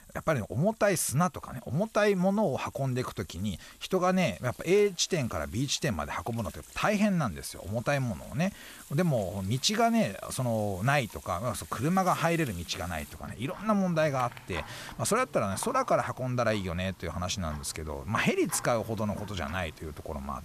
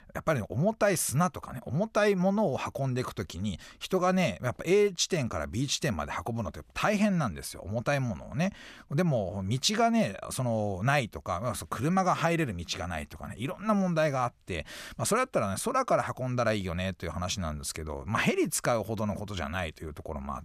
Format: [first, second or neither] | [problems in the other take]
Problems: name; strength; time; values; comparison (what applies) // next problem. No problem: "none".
second | household noises; noticeable; throughout; 20 dB below the speech